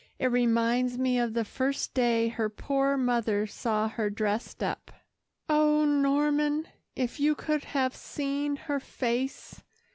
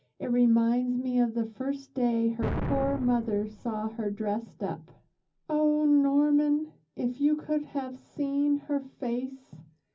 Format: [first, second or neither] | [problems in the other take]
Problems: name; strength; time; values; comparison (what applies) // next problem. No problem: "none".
first | background sound (Explosion); 7 dB below the speech // room echo; dies away in 0.4 s